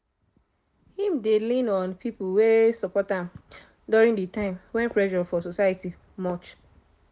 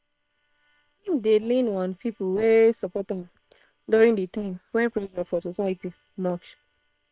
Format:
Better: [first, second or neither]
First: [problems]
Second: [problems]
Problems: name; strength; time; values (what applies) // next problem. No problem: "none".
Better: first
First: none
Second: noise reduction (neural separator model SepFormer WHAM!)